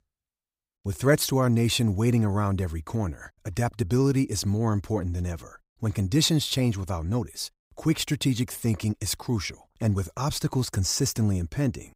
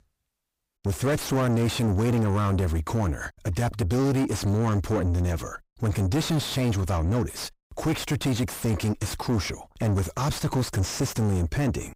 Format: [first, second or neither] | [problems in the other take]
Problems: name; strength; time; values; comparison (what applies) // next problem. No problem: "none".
first | distortion; heavy; 4 dB below the speech